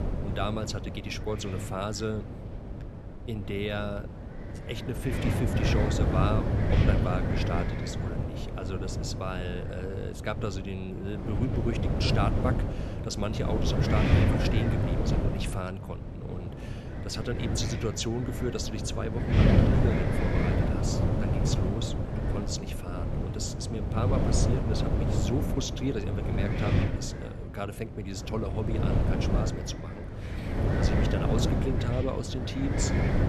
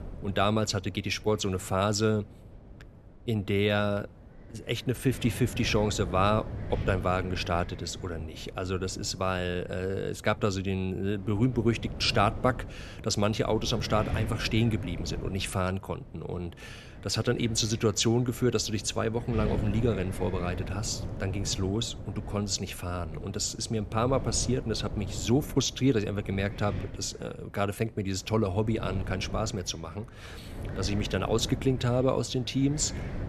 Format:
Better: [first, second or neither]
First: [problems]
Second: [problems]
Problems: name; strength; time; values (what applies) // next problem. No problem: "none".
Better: second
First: wind noise on the microphone; heavy; as loud as the speech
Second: wind noise on the microphone; occasional gusts; 15 dB below the speech